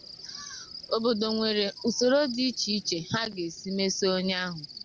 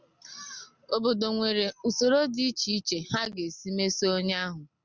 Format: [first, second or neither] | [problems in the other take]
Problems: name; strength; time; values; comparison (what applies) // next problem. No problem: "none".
second | background sound (Cricket); 15 dB below the speech